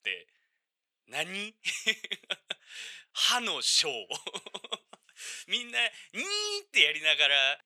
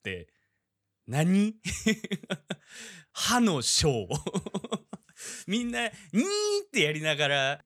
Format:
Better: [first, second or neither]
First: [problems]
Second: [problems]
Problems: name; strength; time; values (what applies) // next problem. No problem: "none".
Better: second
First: thin; very; fading below 550 Hz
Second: none